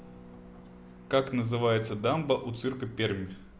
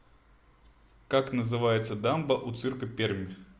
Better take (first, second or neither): second